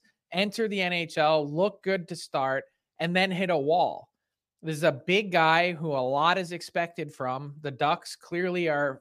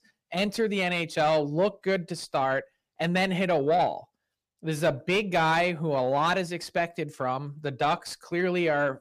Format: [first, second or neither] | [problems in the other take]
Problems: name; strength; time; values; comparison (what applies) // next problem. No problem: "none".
first | distortion; slight; 10 dB below the speech